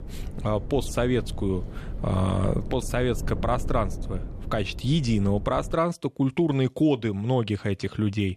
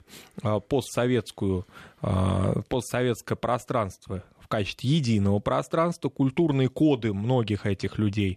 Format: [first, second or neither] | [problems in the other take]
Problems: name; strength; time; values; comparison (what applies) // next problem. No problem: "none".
second | low rumble; noticeable; until 6 s; 15 dB below the speech